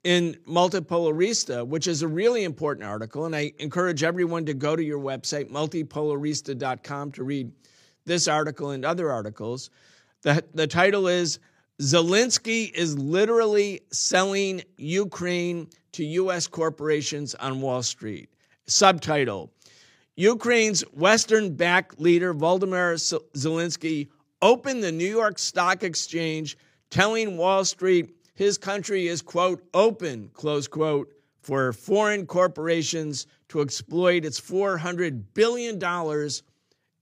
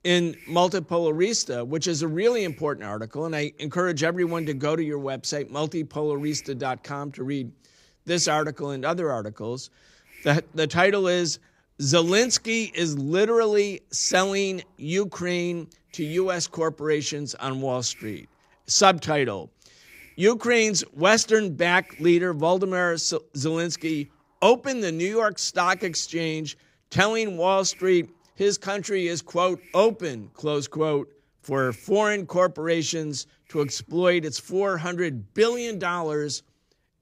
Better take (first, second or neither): first